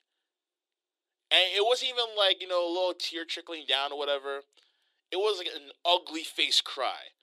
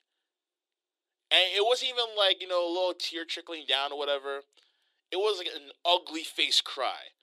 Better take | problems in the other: neither | thin; very; fading below 300 Hz; the same in both

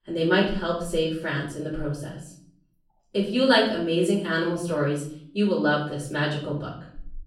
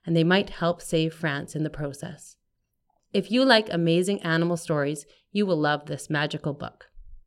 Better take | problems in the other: second | off-mic speech; far // room echo; noticeable; dies away in 0.5 s

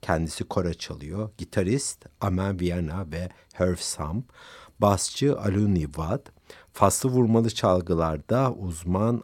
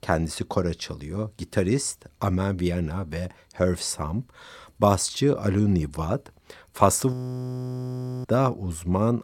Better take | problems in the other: first | audio freezing; at 7 s for 1 s

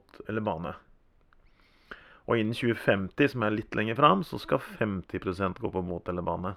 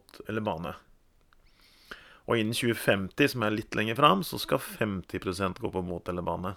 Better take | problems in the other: second | muffled; slightly; fading above 4 kHz

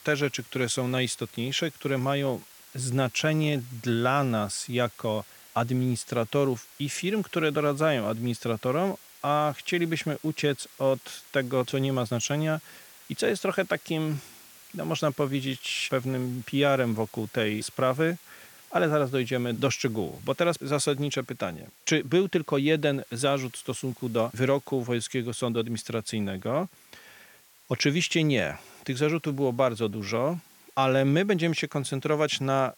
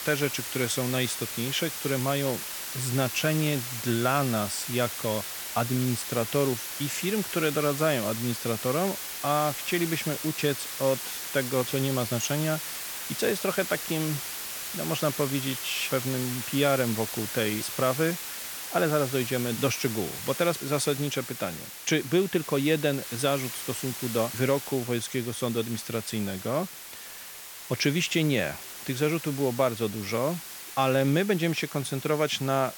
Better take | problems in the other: first | hiss; loud; throughout; 6 dB below the speech; faint in the first

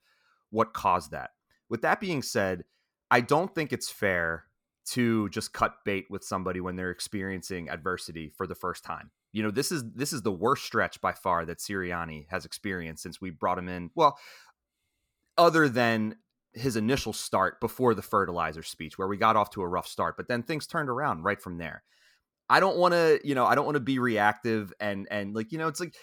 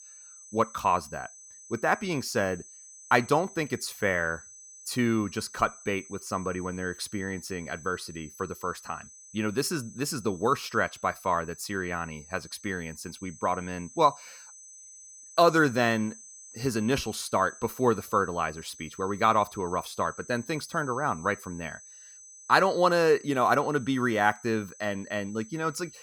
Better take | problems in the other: first | high-pitched whine; noticeable; throughout; 6 kHz, 20 dB below the speech

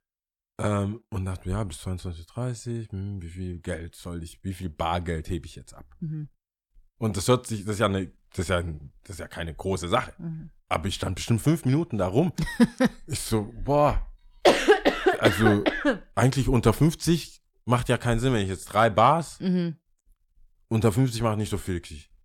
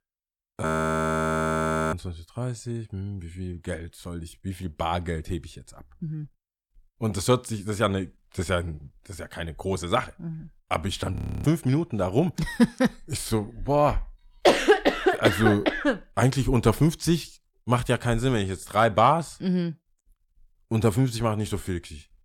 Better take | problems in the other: first | audio freezing; at 0.5 s for 1.5 s and at 11 s

